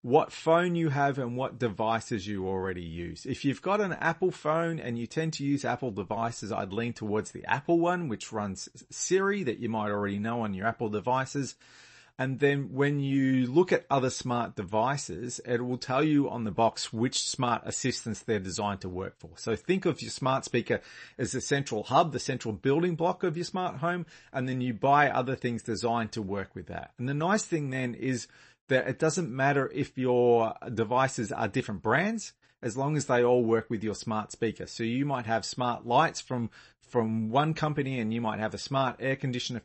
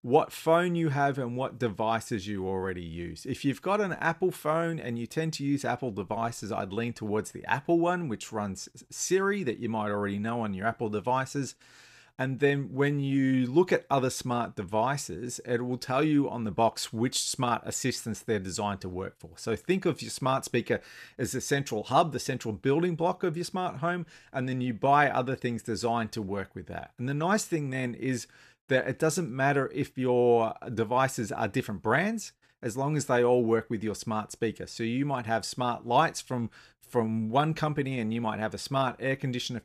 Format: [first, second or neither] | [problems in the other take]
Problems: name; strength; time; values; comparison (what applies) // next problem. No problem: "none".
second | garbled, watery; slightly; nothing above 8 kHz